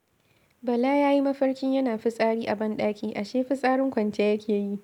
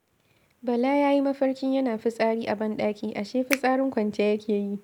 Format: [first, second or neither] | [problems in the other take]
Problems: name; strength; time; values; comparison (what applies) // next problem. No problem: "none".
first | background sound (Finger snapping); 7 dB below the speech